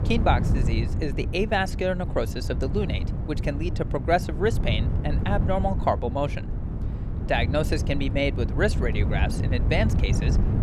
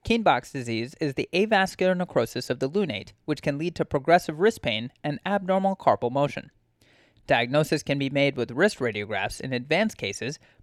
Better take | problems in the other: second | wind noise on the microphone; occasional gusts; 10 dB below the speech

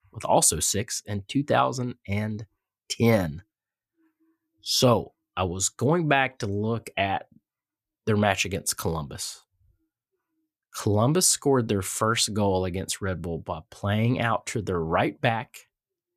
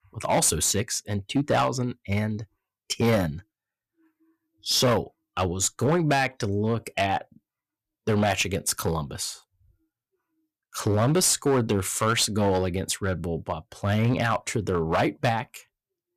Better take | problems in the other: first | distortion; slight; 5% of the sound clipped

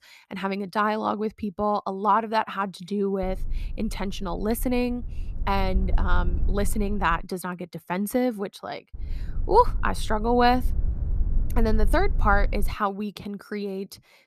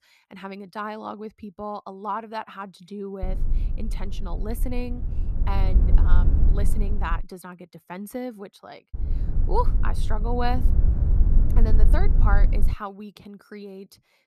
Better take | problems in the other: first | low rumble; loud; from 3 to 7 s and from 9 to 13 s; 9 dB below the speech; faint in the first

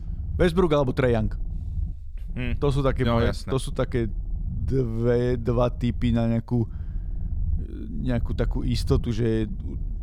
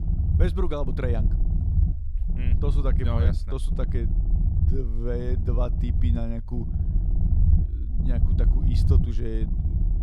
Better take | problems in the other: first | low rumble; loud; throughout; 5 dB below the speech; faint in the first

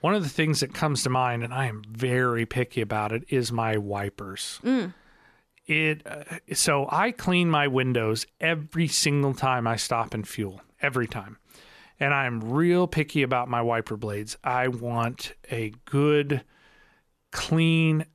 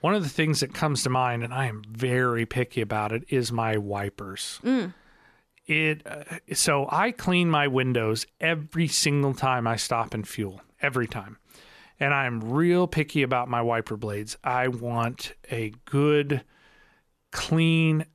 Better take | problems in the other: neither | none

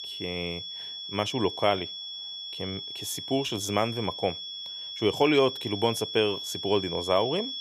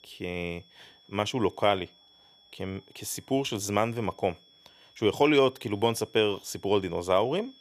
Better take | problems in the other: second | high-pitched whine; loud; throughout; 3.5 kHz, 6 dB below the speech; faint in the second

